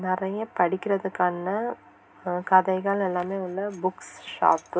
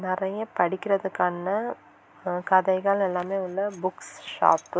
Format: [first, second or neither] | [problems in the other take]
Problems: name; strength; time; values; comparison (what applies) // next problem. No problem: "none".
second | room echo; dies away in 0.3 s